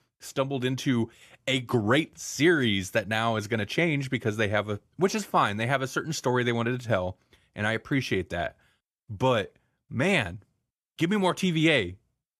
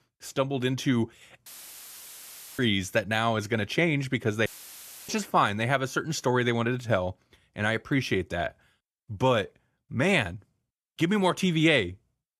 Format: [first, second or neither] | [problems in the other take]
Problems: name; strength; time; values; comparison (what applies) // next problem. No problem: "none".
first | audio cutting out; filled with static; at 1.5 s for 1 s and at 4.5 s for 0.5 s